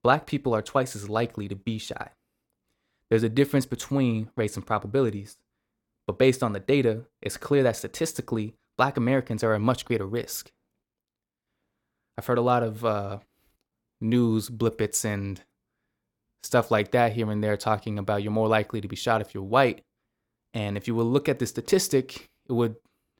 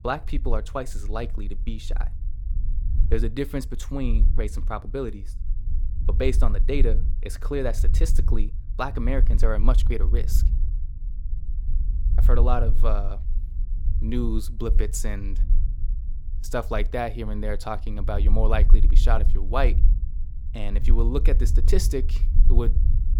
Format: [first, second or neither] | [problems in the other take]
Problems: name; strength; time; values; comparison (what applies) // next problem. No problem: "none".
first | low rumble; noticeable; throughout; 15 dB below the speech